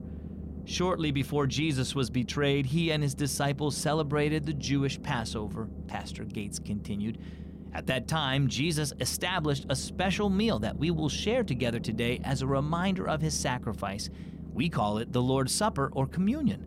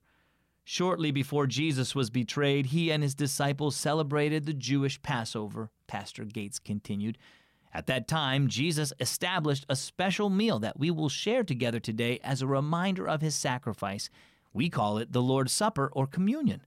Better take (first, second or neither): second